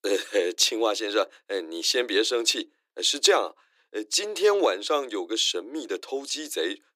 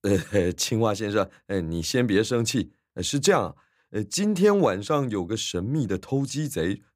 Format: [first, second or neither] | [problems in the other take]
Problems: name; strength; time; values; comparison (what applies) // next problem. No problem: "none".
second | thin; very; fading below 350 Hz